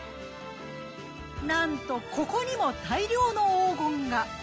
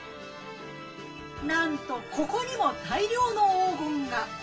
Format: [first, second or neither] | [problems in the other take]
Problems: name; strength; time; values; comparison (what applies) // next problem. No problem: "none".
first | room echo; dies away in 0.2 s